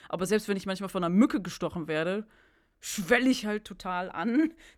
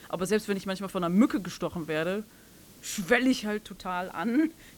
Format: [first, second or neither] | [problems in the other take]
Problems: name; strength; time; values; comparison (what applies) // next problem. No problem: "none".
first | hiss; faint; throughout; 25 dB below the speech